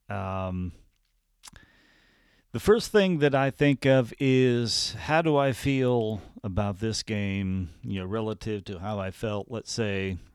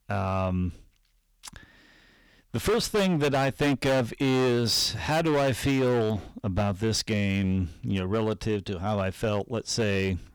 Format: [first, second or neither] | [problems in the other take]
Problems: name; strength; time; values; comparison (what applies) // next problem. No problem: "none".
first | distortion; heavy; 14% of the sound clipped